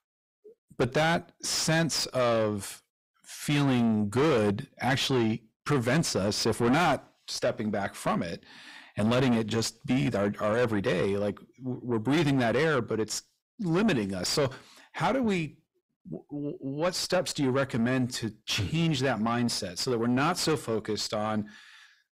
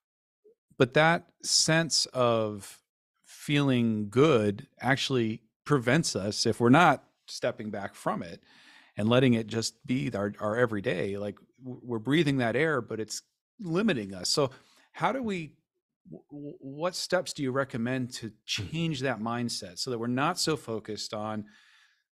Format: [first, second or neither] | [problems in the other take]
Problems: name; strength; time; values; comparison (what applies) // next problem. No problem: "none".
second | distortion; heavy; 5 dB below the speech